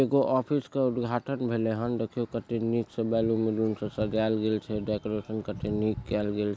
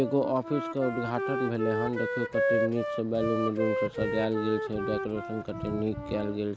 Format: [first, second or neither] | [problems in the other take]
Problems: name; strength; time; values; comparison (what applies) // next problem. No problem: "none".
first | background sound (Wind instrument, woodwind instrument); 2 dB below the speech